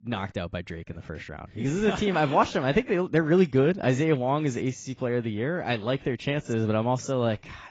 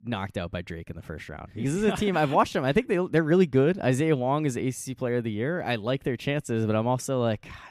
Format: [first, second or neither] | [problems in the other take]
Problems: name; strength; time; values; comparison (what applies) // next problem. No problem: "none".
second | garbled, watery; badly; nothing above 7.5 kHz